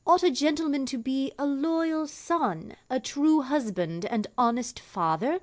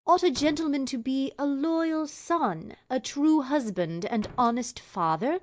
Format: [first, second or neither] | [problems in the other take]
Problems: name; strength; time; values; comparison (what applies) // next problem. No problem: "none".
first | noise reduction (neural mask model DeepFilterNet 3)